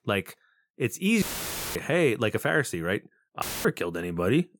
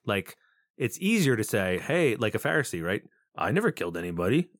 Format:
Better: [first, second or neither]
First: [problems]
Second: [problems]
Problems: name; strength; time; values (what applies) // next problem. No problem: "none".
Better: second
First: audio cutting out; filled with static; at 1 s for 0.5 s and at 3.5 s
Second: none